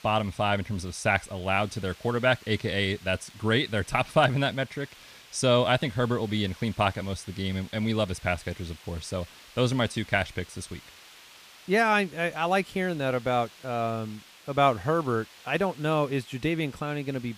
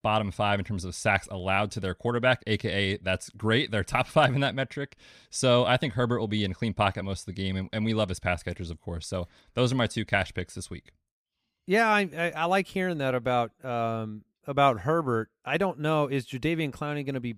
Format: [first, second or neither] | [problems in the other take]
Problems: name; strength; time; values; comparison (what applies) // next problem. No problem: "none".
second | hiss; faint; throughout; 20 dB below the speech